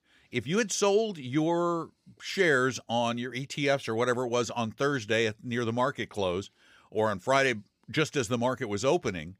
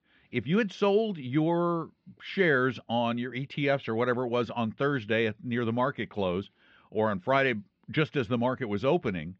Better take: first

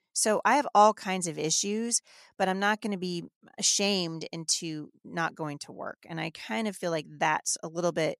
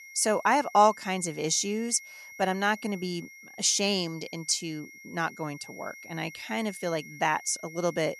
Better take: first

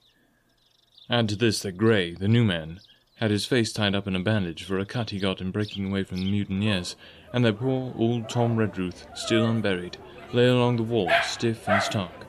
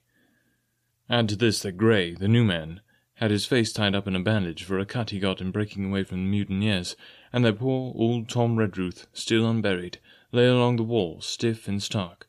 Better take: second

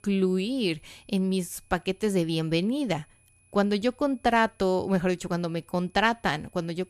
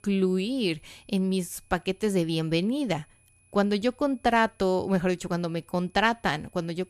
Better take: neither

